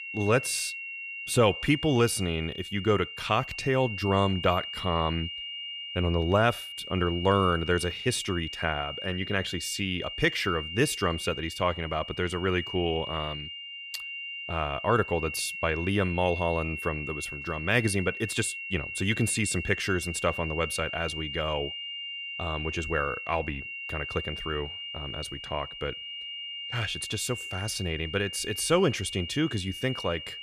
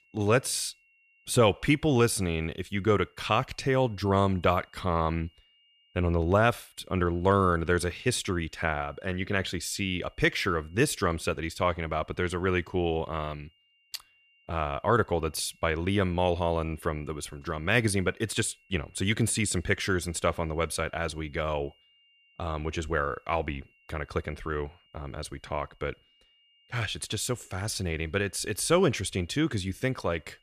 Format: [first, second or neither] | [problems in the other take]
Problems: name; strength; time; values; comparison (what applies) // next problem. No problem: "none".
second | high-pitched whine; loud; throughout; 3 kHz, 7 dB below the speech; faint in the second